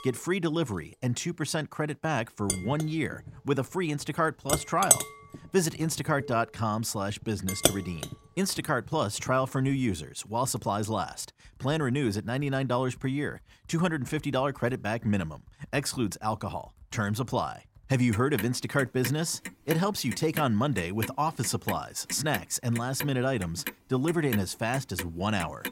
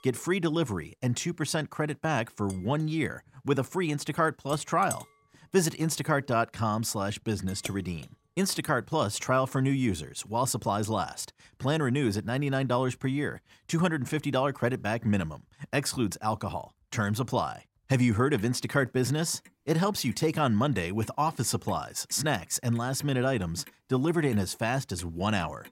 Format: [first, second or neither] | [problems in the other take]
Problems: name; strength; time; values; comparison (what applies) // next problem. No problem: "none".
second | household noises; loud; throughout; 4 dB below the speech; faint in the second